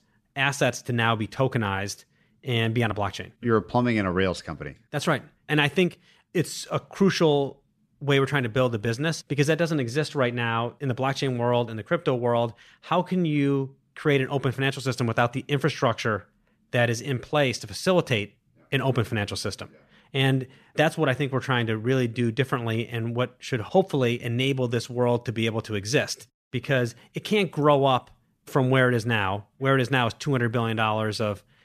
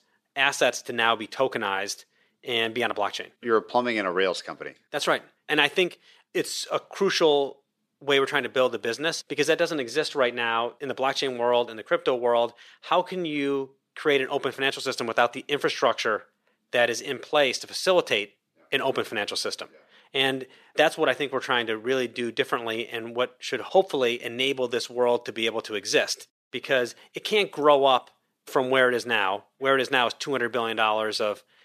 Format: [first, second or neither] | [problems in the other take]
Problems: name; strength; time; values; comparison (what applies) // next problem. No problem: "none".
first | thin; somewhat; fading below 450 Hz